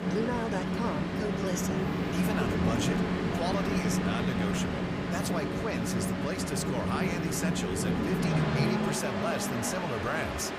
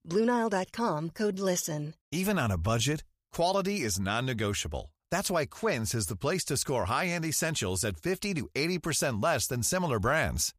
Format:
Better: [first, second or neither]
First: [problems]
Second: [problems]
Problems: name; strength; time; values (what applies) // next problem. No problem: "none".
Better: second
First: train or aircraft noise; very loud; throughout; 4 dB above the speech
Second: none